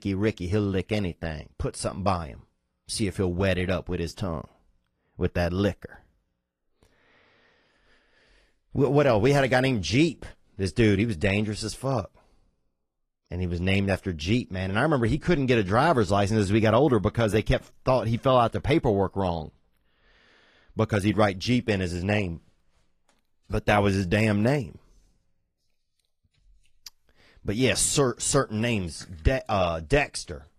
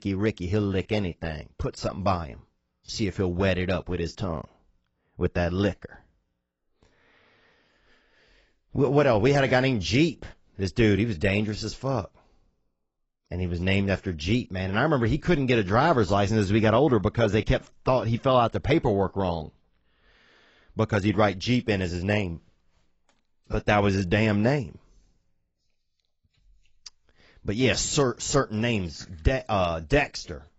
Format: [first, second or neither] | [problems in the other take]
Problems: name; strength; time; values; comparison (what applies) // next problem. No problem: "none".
first | garbled, watery; badly; nothing above 7.5 kHz; slightly in the first